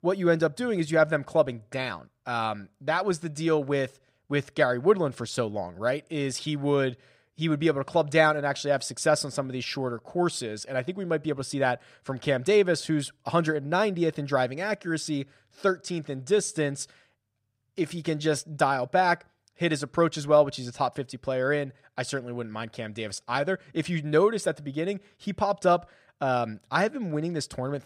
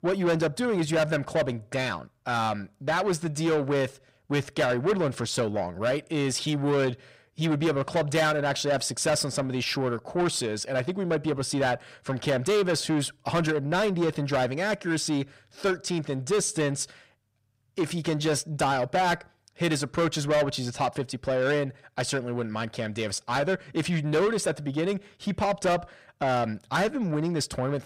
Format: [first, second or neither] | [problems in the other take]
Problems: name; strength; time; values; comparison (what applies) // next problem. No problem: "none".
first | distortion; heavy; 7 dB below the speech